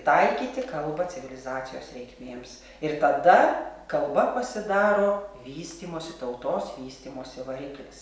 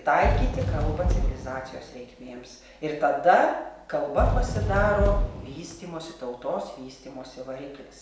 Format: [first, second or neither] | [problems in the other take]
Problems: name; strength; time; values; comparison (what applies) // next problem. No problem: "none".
first | background sound (Fireworks); 2 dB below the speech